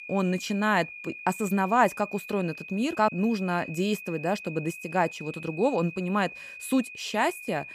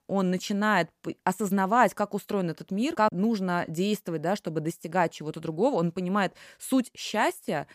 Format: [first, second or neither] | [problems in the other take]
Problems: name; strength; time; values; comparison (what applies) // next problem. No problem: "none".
second | high-pitched whine; noticeable; throughout; 2.5 kHz, 10 dB below the speech